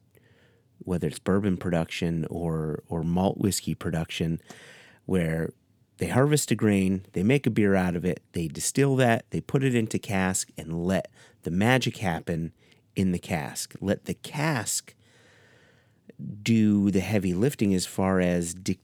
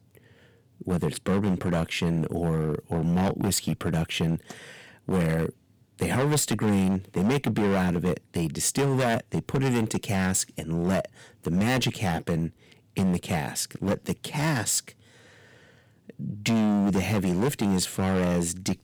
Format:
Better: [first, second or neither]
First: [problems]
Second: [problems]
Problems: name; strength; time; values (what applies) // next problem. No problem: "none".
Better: first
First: none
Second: distortion; heavy; 11% of the sound clipped